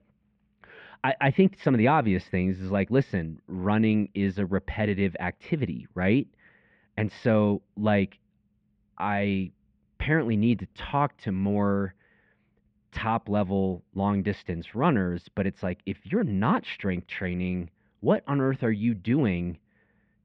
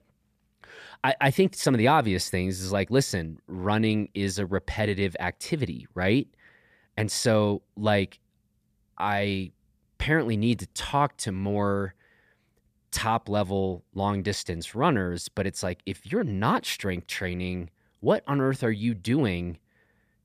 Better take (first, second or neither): second